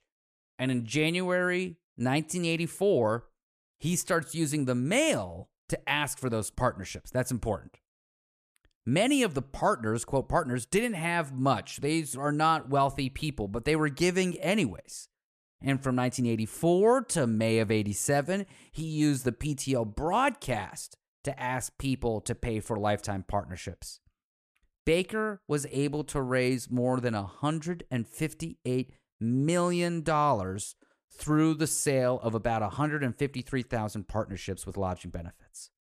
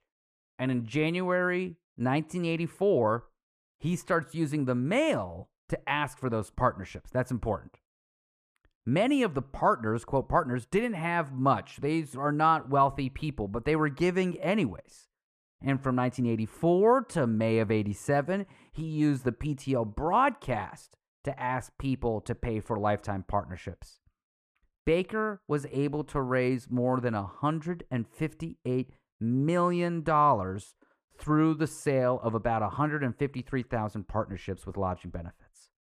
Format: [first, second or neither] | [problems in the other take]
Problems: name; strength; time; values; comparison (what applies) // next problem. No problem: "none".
first | muffled; slightly; fading above 3.5 kHz